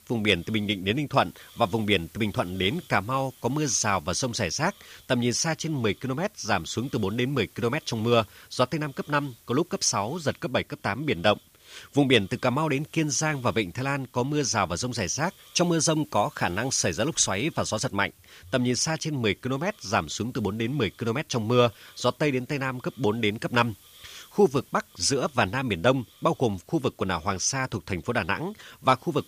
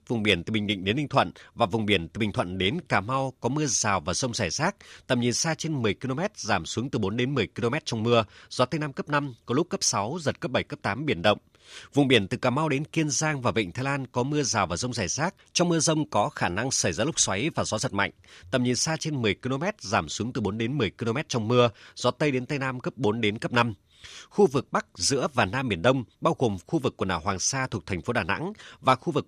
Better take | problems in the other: second | hiss; faint; throughout; 25 dB below the speech

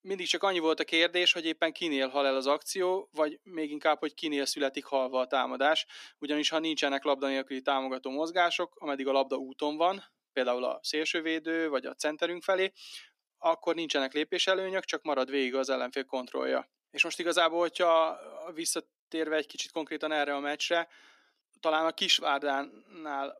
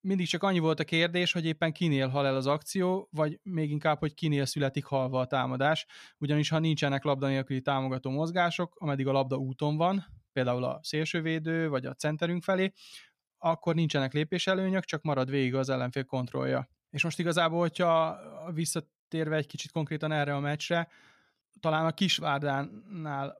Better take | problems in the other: second | thin; somewhat; fading below 300 Hz

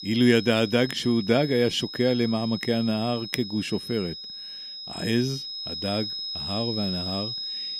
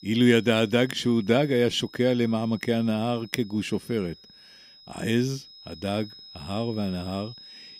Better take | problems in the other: second | high-pitched whine; loud; throughout; 5 kHz, 7 dB below the speech; faint in the second

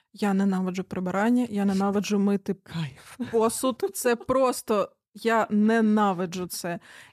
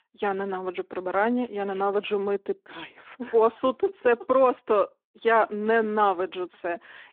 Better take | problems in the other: first | phone-call audio

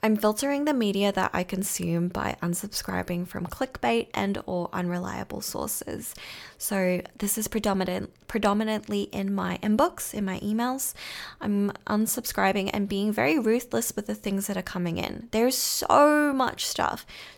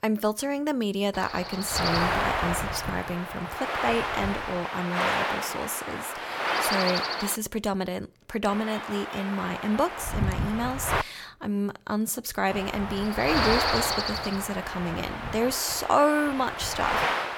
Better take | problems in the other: first | wind noise on the microphone; heavy; from 1 to 7.5 s, from 8.5 to 11 s and from 13 s on; 2 dB above the speech

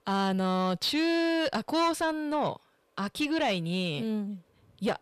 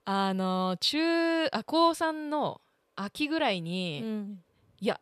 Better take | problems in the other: second | distortion; slight; 10 dB below the speech

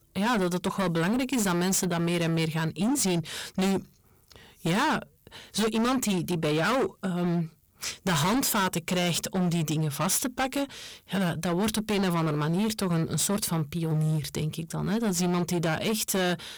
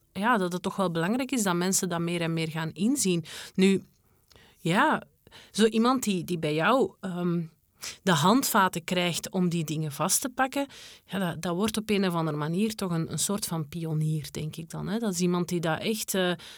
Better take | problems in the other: second | distortion; heavy; 22% of the sound clipped

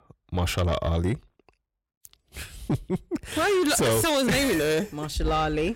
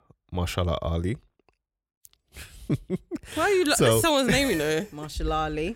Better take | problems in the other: second | distortion; heavy; 8 dB below the speech

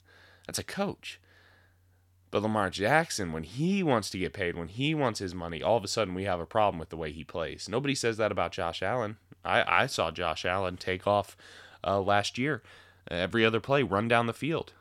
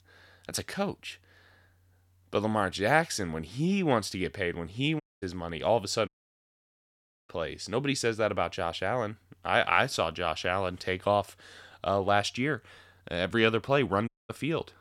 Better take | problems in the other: first | audio cutting out; at 5 s, at 6 s for 1 s and at 14 s

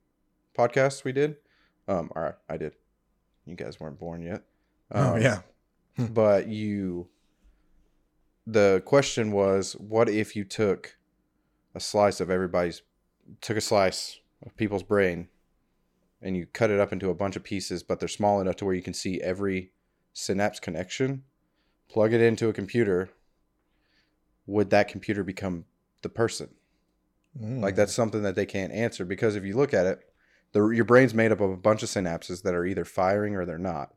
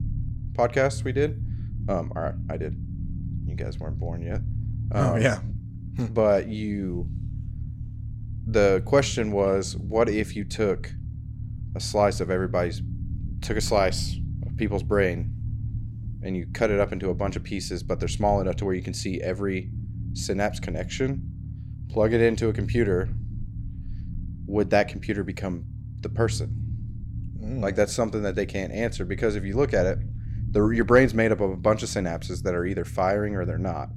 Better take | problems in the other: first | low rumble; faint; throughout; 20 dB below the speech

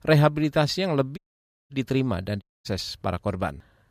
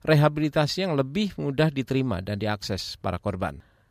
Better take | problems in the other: second | audio cutting out; at 1 s for 0.5 s and at 2.5 s

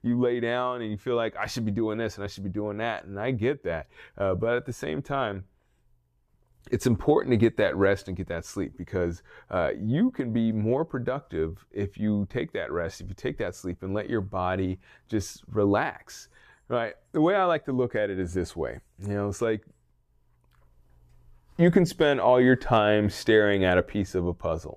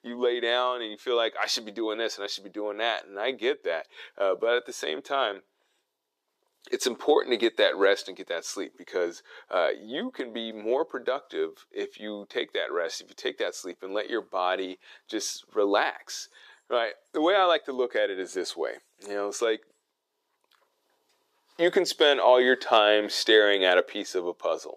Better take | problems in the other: first | thin; very; fading below 350 Hz

